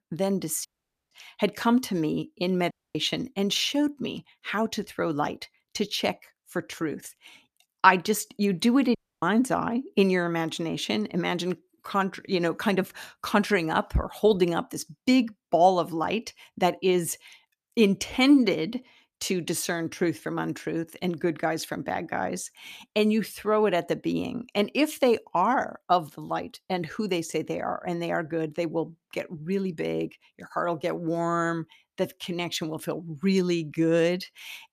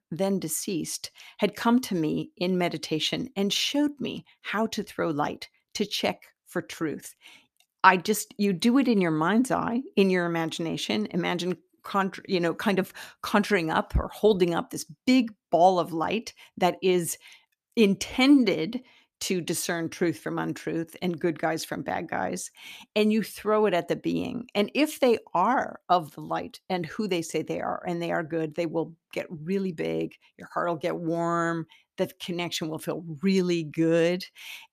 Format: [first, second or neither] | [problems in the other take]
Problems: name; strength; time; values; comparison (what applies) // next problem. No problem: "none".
second | audio cutting out; at 0.5 s, at 2.5 s and at 9 s